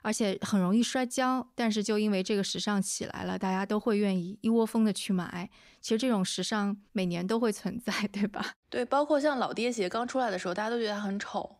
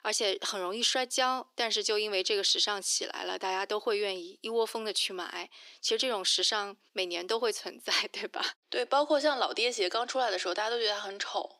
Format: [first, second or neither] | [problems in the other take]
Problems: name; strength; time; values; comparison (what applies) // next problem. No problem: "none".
first | thin; very; fading below 350 Hz